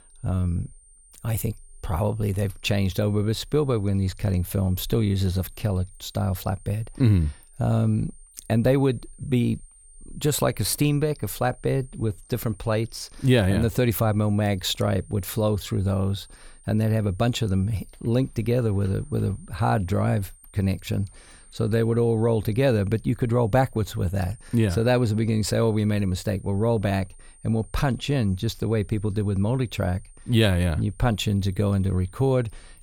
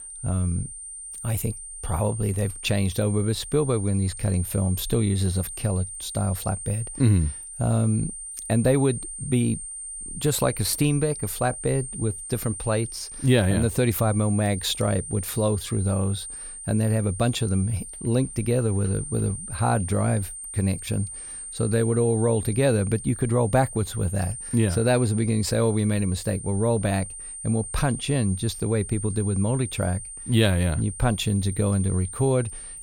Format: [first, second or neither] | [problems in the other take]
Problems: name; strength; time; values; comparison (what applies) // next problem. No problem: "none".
first | high-pitched whine; loud; throughout; 9 kHz, 10 dB below the speech; faint in the first